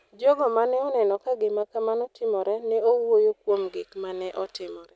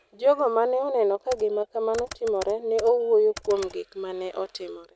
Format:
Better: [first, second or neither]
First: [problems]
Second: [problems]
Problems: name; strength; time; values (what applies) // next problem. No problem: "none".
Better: first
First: none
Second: background sound (Computer keyboard); 20 dB below the speech